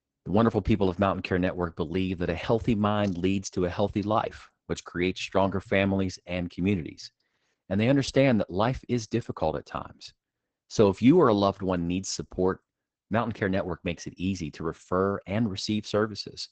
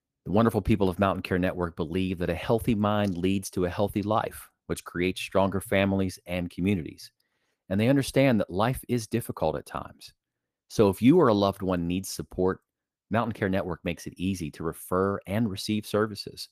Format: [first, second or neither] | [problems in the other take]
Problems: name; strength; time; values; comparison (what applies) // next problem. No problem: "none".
second | garbled, watery; badly; nothing above 7.5 kHz; slightly in the second